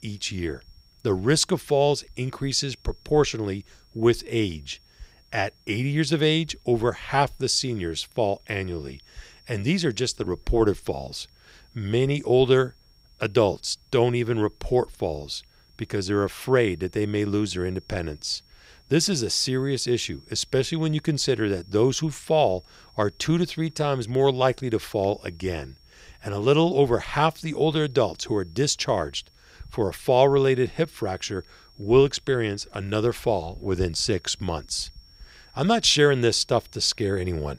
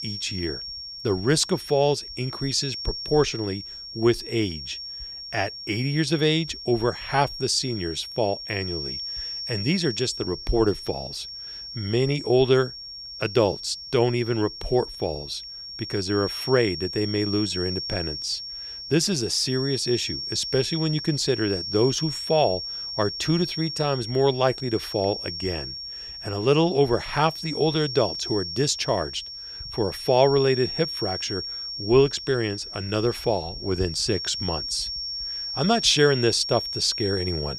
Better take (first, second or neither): first